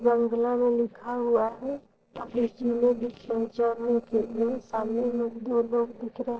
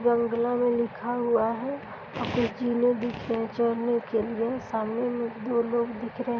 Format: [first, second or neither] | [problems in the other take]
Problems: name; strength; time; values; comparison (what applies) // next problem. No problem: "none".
second | noise reduction (neural separator model SepFormer DNS4)